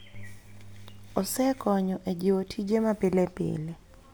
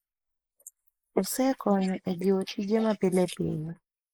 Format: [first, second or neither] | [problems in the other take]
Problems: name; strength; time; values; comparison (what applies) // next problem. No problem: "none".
first | noise reduction (neural mask model Resemble Enhance denoiser)